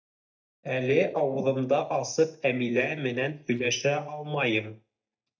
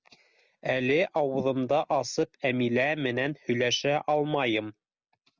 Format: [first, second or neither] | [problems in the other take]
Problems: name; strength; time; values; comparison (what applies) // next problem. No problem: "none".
second | noise reduction (neural mask model DeepFilterNet 3)